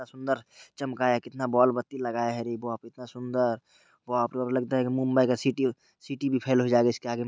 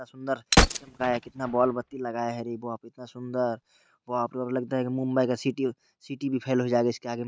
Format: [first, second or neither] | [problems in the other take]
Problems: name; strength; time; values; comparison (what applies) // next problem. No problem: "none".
first | noise reduction (neural mask model RNNoise)